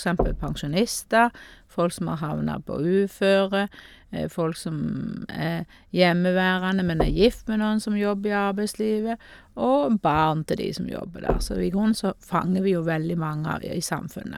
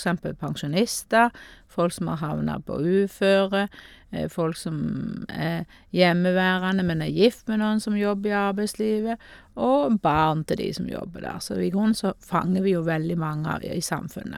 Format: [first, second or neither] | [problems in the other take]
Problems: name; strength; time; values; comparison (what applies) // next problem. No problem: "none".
second | background sound (Knock); 9 dB below the speech